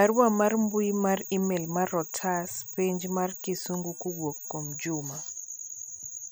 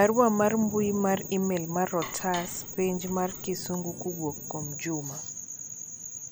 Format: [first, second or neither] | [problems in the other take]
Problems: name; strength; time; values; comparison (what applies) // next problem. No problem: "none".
first | background sound (Dishes, pots, and pans + Thunder / Rain); 16 dB below the speech